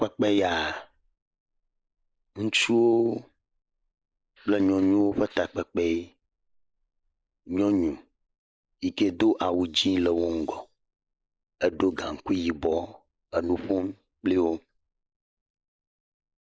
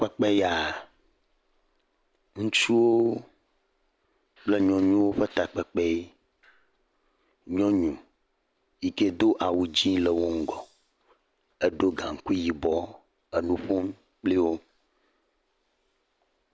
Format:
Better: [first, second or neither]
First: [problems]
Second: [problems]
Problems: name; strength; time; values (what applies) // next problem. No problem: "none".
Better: second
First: noise reduction (neural mask model Resemble Enhance denoiser)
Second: none